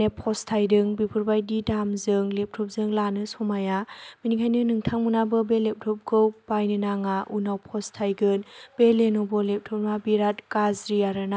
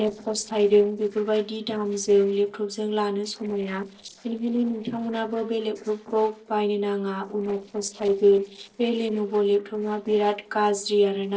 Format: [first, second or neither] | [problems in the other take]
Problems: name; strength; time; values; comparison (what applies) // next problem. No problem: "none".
first | noise reduction (neural separator model SepFormer DNS4)